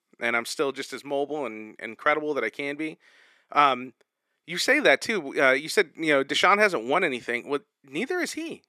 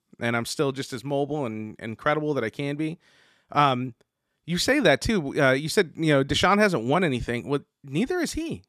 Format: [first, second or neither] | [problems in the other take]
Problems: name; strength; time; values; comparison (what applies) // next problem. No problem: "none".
second | thin; somewhat; fading below 400 Hz